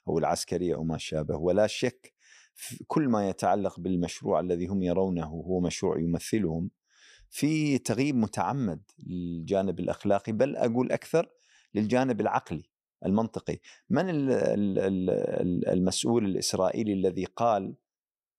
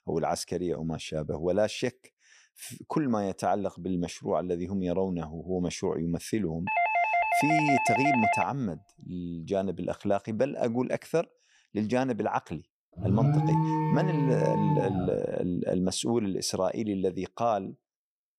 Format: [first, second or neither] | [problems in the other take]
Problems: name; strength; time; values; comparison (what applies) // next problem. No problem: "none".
first | doorbell; loud; from 6.5 to 8.5 s; peak 5 dB above the speech // alarm; loud; from 13 to 15 s; peak 6 dB above the speech